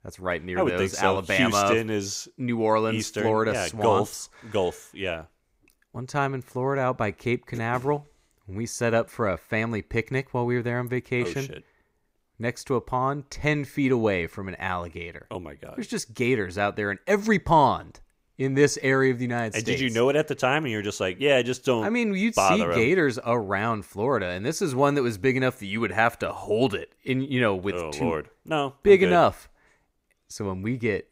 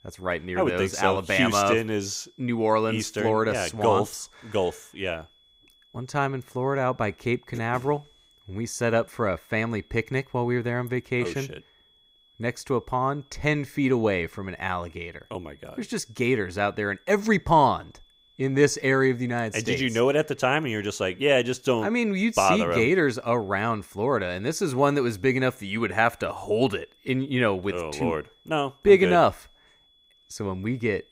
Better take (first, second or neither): first